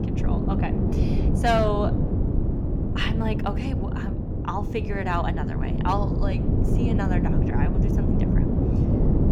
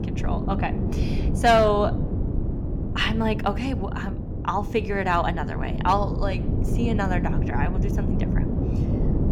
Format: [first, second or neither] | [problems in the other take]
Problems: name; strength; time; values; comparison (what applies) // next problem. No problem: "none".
second | wind noise on the microphone; heavy; 4 dB below the speech; occasional gusts in the second